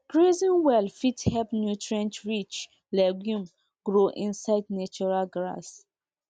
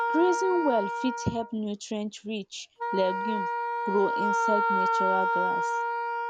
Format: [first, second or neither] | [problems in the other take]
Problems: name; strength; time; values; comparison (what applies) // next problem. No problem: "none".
first | background sound (Wind instrument, woodwind instrument); 1 dB above the speech